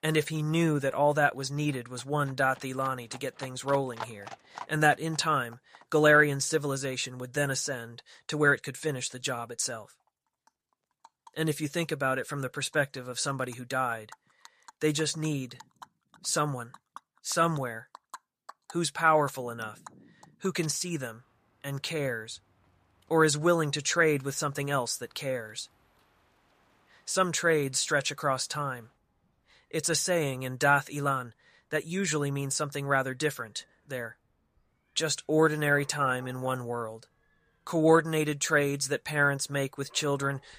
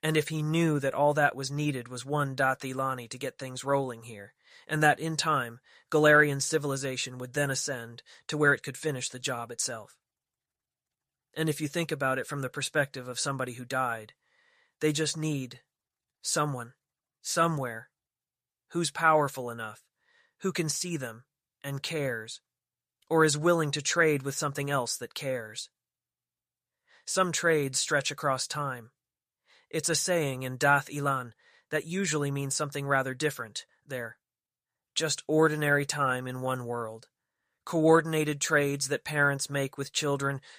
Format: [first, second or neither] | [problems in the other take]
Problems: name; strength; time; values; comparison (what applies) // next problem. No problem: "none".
second | animal sounds; faint; throughout; 25 dB below the speech